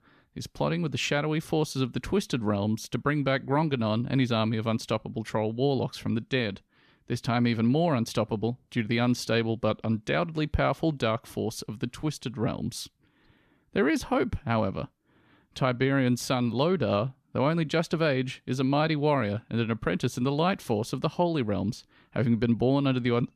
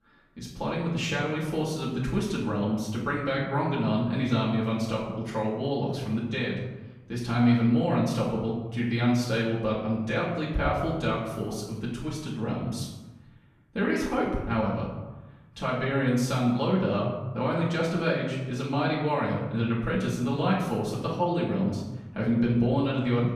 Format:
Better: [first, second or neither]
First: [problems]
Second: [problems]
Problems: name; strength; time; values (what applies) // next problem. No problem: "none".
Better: first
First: none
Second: off-mic speech; far // room echo; noticeable; dies away in 0.9 s